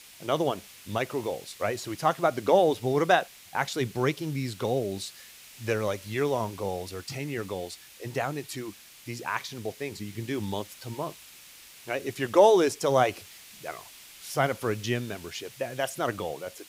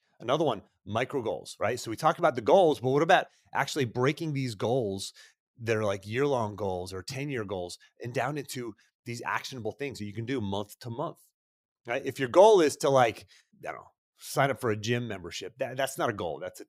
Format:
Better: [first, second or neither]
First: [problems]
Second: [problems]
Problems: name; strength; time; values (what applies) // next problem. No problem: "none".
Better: second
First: hiss; noticeable; throughout; 20 dB below the speech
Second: none